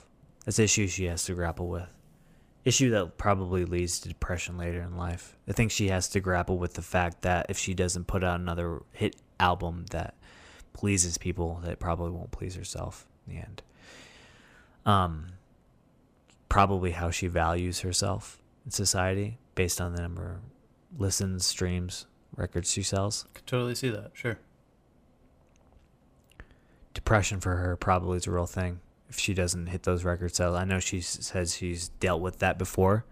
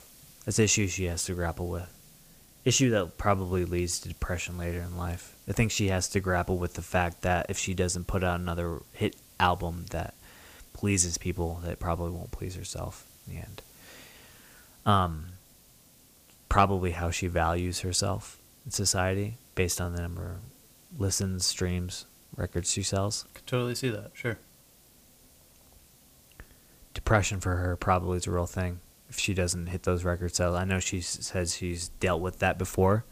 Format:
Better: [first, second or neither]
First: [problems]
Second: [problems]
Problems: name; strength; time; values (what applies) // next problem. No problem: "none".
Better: first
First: none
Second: hiss; faint; throughout; 25 dB below the speech